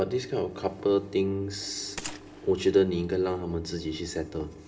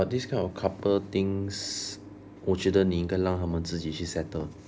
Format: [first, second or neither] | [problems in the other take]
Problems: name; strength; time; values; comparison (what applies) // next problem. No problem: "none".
second | background sound (Gunshot, gunfire); 18 dB below the speech // room echo; dies away in 0.8 s